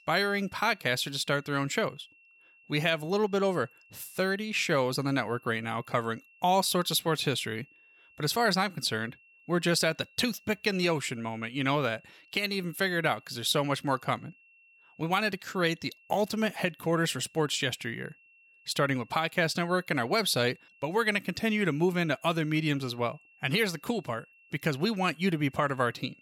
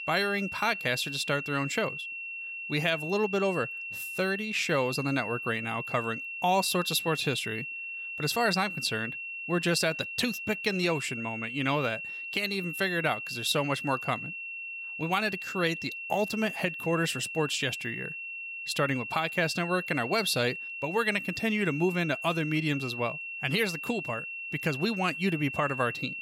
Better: first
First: high-pitched whine; faint; throughout; 2.5 kHz, 30 dB below the speech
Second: high-pitched whine; loud; throughout; 2.5 kHz, 6 dB below the speech

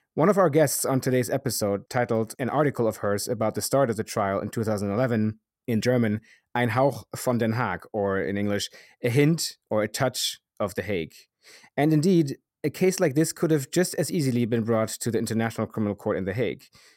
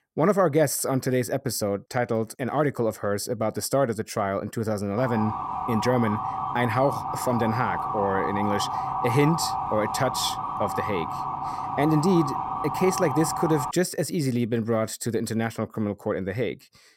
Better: first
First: none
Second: siren; noticeable; from 5 to 14 s; peak 2 dB below the speech

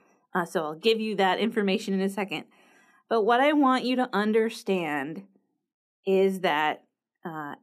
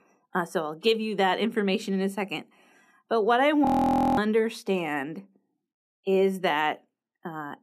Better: first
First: none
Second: audio freezing; at 3.5 s for 0.5 s

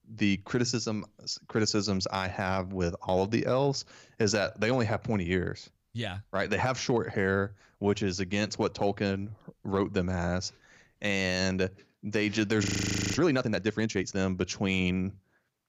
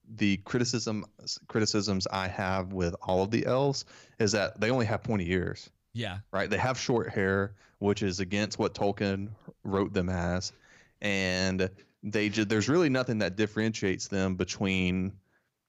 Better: second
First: audio freezing; at 13 s for 0.5 s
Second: none

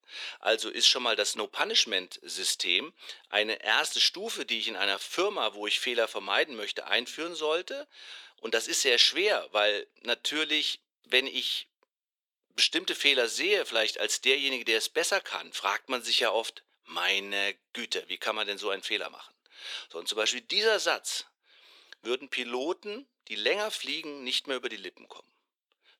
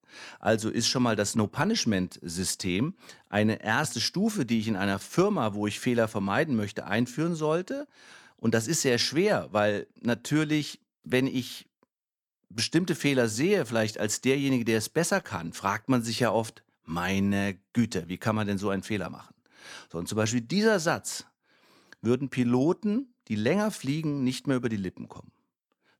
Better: second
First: thin; very; fading below 400 Hz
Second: none

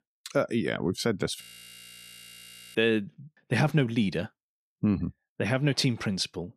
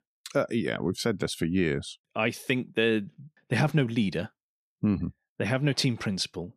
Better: second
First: audio freezing; at 1.5 s for 1.5 s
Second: none

